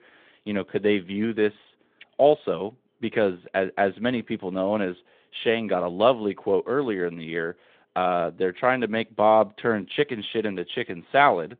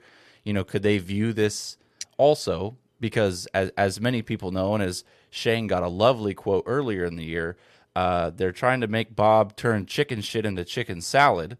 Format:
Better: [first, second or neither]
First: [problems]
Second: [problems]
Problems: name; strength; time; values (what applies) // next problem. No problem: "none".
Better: second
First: phone-call audio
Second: none